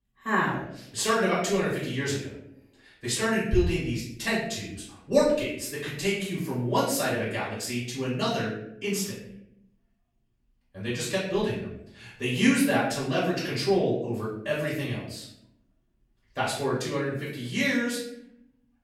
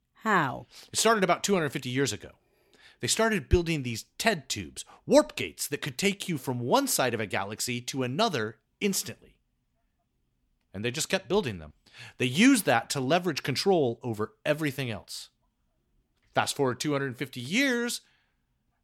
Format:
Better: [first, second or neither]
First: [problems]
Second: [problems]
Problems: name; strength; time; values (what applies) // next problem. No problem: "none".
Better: second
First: off-mic speech; far // room echo; noticeable; dies away in 0.6 s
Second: none